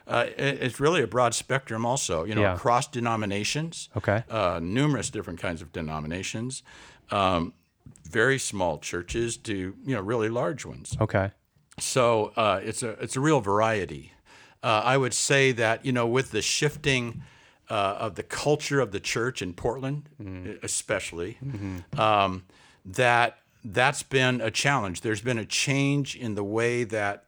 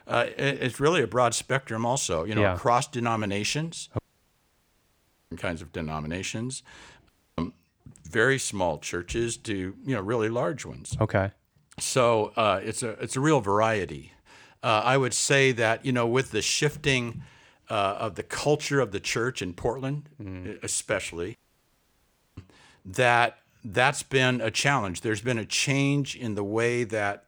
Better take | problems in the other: first | audio cutting out; at 4 s for 1.5 s, at 7 s and at 21 s for 1 s

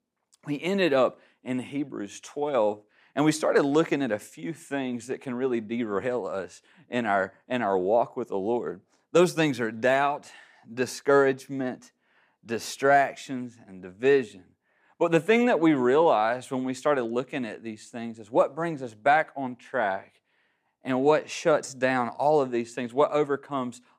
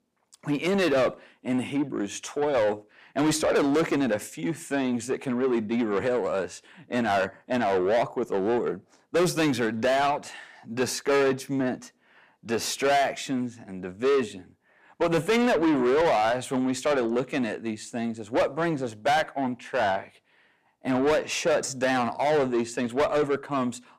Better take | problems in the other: first | distortion; heavy; 7 dB below the speech

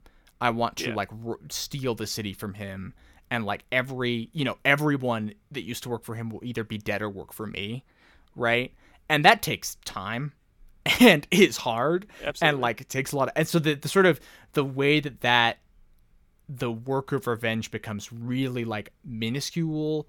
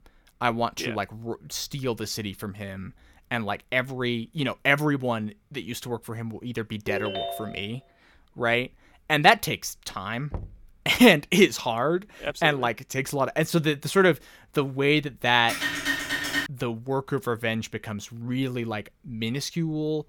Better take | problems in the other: first | phone ringing; noticeable; at 7 s and at 15 s; peak level with the speech // door banging; faint; at 10 s; peak 15 dB below the speech

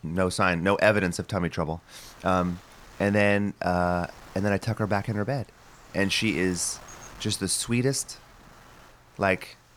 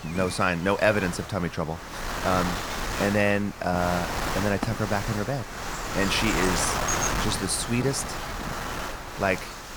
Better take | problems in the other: first | wind noise on the microphone; heavy; 3 dB below the speech; occasional gusts in the first

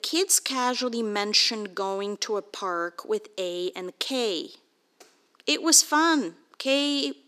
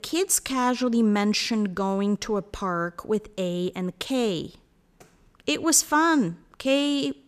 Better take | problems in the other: second | thin; very slightly; fading below 300 Hz

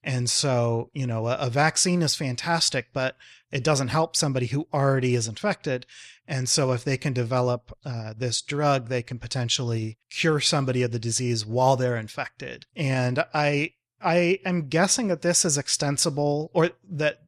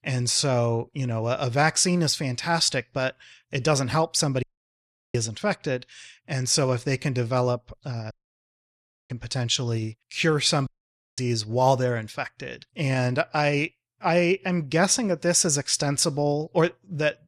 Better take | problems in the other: first | audio cutting out; at 4.5 s for 0.5 s, at 8 s for 1 s and at 11 s for 0.5 s

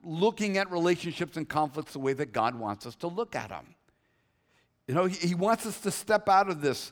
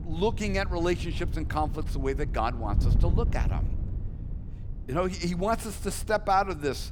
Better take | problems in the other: first | wind noise on the microphone; occasional gusts; 15 dB below the speech

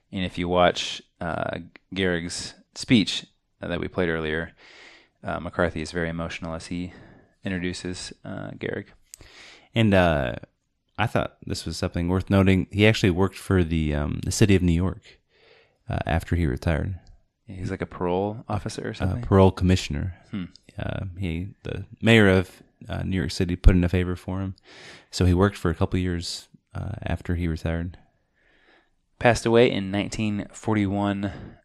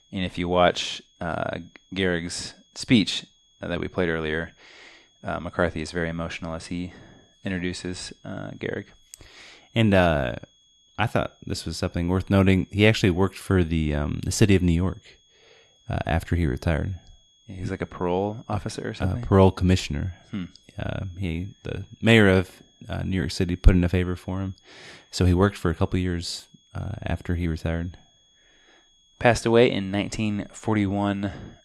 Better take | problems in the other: first | high-pitched whine; faint; throughout; 3.5 kHz, 35 dB below the speech

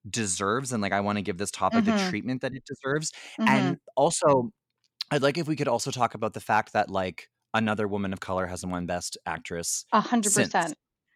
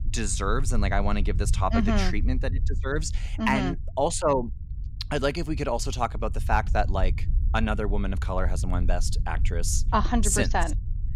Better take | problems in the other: first | low rumble; faint; throughout; 20 dB below the speech

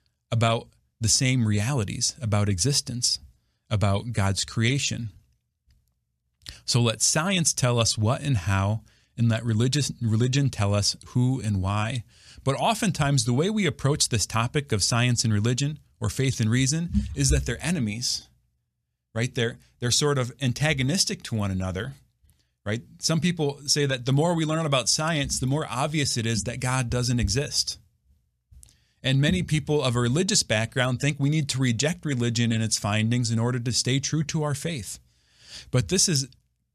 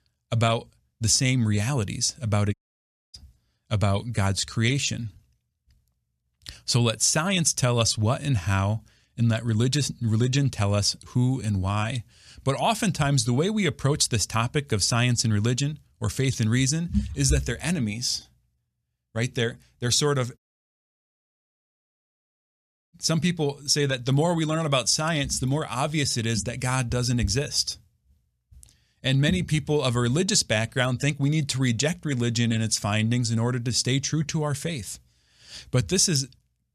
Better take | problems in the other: first | audio cutting out; at 2.5 s for 0.5 s and at 20 s for 2.5 s

